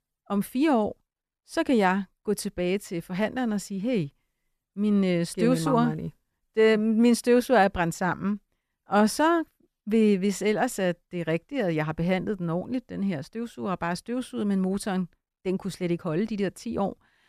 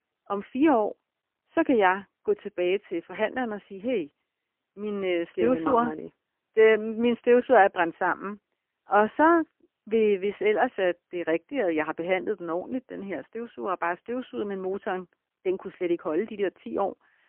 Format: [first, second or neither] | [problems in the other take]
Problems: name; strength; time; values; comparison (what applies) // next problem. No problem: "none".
first | phone-call audio; poor line; nothing above 3 kHz